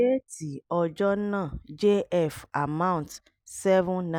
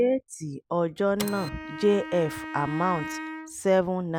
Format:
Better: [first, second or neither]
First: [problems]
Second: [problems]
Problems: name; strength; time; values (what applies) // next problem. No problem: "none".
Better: first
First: none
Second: background sound (Wind instrument, woodwind instrument + Printer); 11 dB below the speech